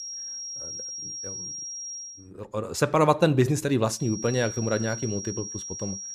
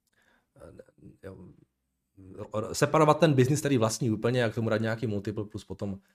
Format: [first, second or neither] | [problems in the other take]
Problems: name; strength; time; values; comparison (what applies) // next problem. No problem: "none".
second | high-pitched whine; loud; until 2 s and from 4 s on; 5.5 kHz, 8 dB below the speech